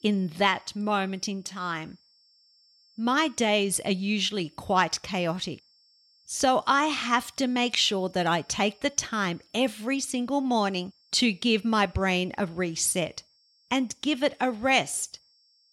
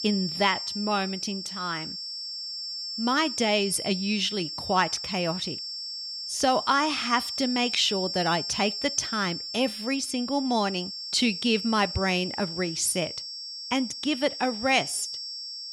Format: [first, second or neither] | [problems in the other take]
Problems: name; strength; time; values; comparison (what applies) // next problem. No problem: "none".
first | high-pitched whine; loud; throughout; 5.5 kHz, 6 dB below the speech; faint in the first